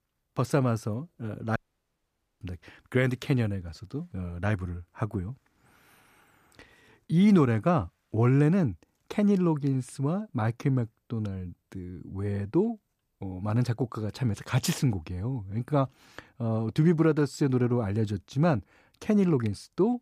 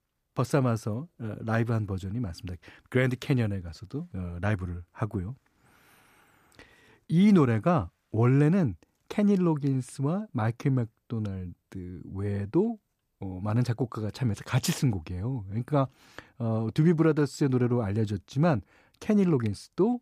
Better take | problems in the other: second | audio cutting out; at 1.5 s for 1 s

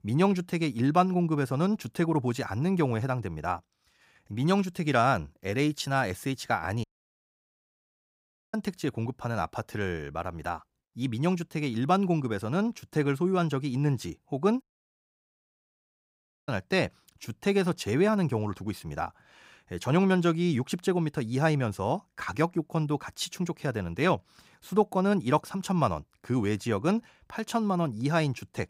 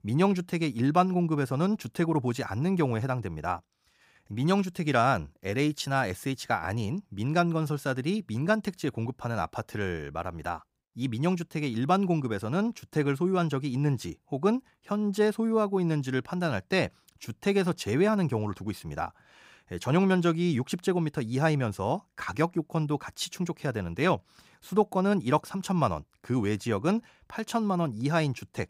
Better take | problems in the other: second | audio cutting out; at 7 s for 1.5 s and at 15 s for 2 s

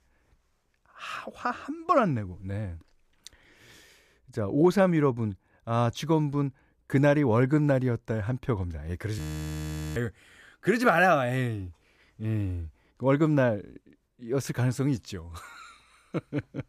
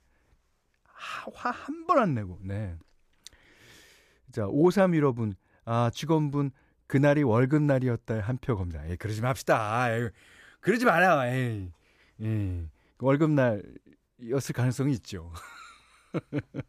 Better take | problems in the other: second | audio freezing; at 9 s for 1 s

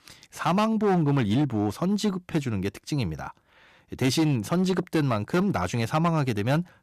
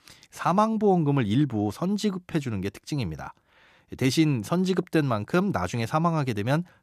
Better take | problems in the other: second | distortion; slight; 7% of the sound clipped

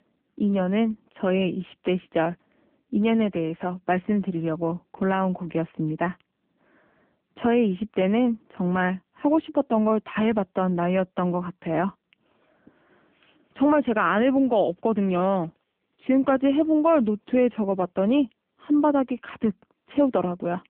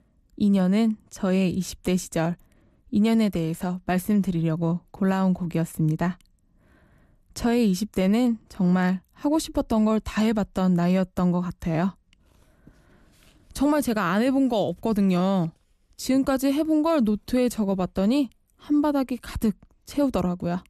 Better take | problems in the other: second | phone-call audio; poor line

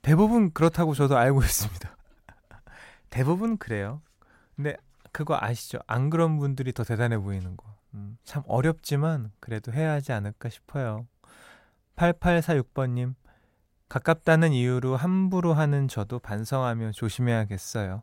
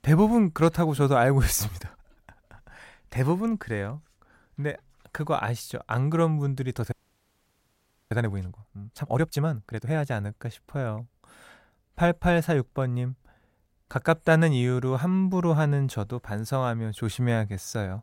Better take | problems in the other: first | audio freezing; at 7 s for 1 s

